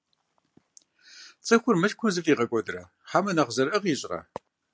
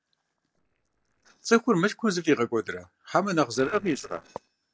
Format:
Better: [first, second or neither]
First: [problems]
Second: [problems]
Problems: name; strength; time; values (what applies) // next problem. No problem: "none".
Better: first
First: none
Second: noise reduction (neural separator model SepFormer DNS4)